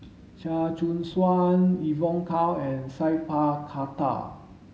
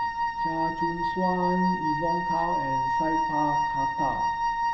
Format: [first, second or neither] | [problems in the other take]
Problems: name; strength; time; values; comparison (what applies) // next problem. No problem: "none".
first | background sound (Wind instrument, woodwind instrument); 5 dB above the speech